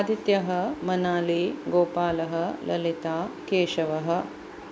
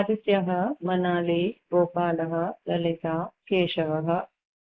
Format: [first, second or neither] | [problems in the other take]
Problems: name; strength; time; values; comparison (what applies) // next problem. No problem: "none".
first | noise reduction (neural mask model Resemble Enhance denoiser)